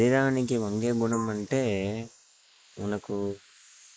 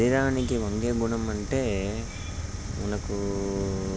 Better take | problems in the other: second | noise reduction (neural mask model Resemble Enhance denoiser)

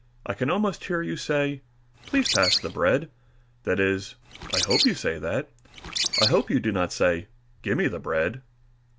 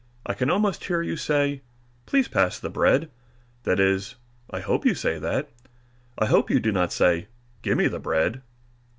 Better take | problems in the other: second | background sound (Bird); 1 dB below the speech

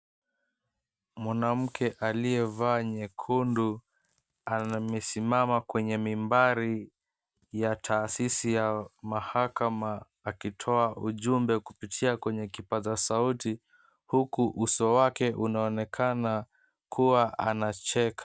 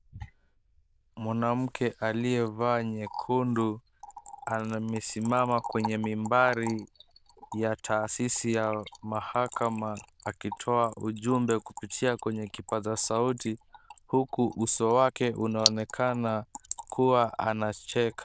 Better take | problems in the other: first | noise reduction (neural diffusion model UNIVERSE++)

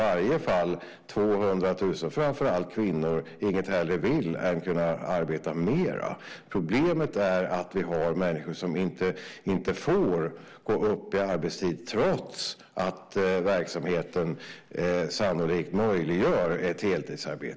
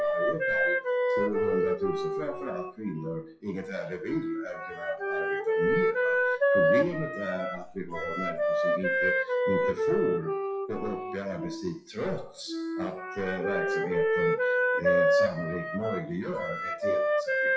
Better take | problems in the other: first | noise reduction (classical method WPE with log-MMSE)

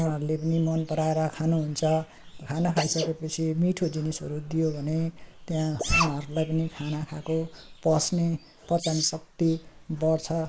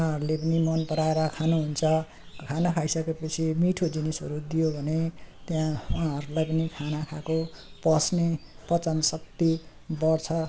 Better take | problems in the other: second | noise reduction (neural mask model Resemble Enhance denoiser)

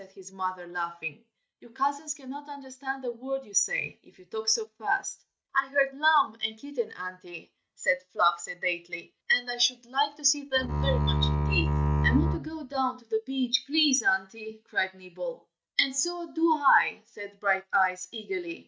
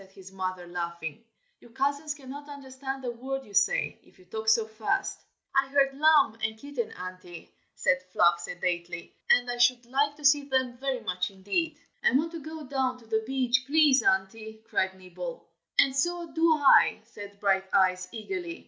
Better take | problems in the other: second | noise reduction (neural mask model RNNoise)

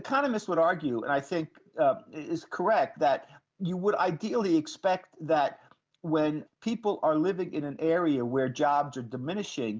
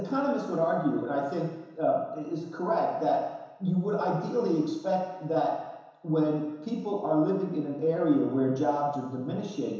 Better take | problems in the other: first | room echo; dies away in 1 s

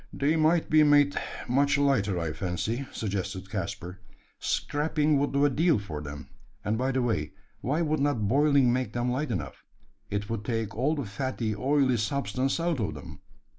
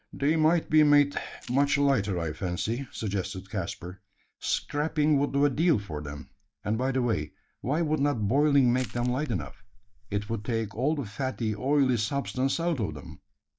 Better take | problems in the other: first | noise reduction (neural mask model DeepFilterNet 3)

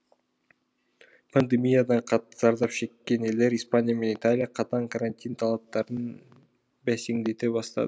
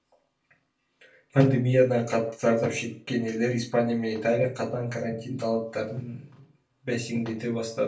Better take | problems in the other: first | room echo; dies away in 0.3 s

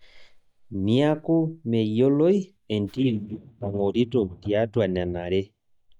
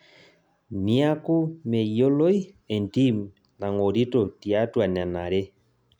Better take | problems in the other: second | noise reduction (neural mask model DeepFilterNet 3)

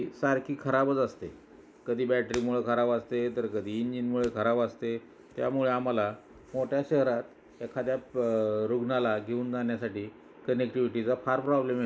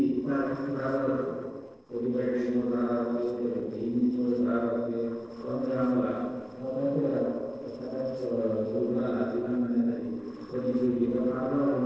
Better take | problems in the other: first | noise reduction (neural separator model SepFormer DNS4)

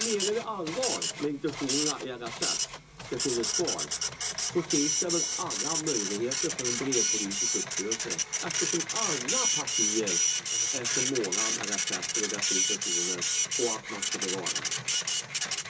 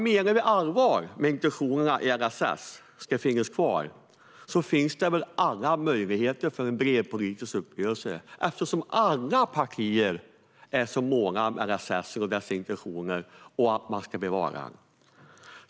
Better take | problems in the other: second | background sound (Printer); 4 dB above the speech // room echo; dies away in 0.2 s

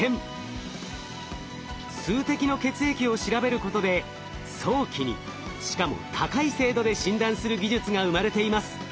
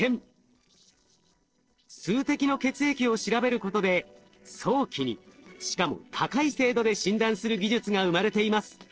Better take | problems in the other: first | noise reduction (neural separator model SepFormer DNS4)

